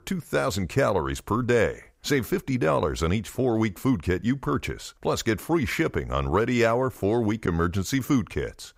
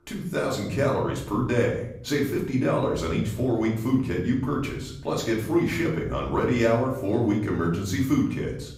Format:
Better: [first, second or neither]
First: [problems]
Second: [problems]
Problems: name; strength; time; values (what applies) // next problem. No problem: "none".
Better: first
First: none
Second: off-mic speech; far // room echo; noticeable; dies away in 0.7 s